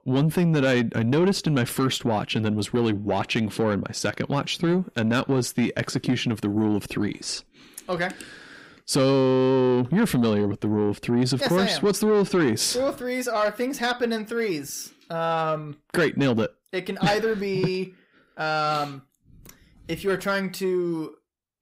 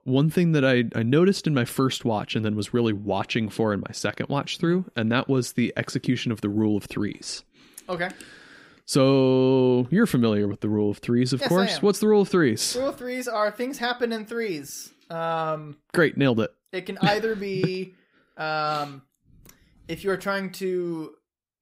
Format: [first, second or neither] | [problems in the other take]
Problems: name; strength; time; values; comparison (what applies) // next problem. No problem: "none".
second | distortion; slight; 10 dB below the speech